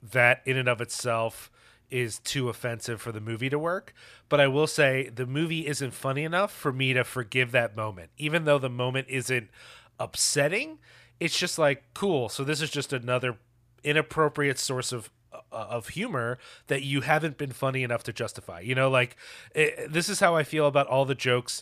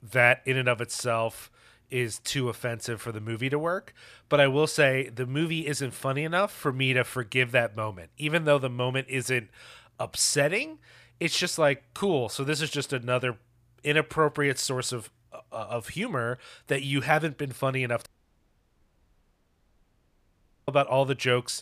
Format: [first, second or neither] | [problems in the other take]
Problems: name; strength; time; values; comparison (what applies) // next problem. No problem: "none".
first | audio cutting out; at 18 s for 2.5 s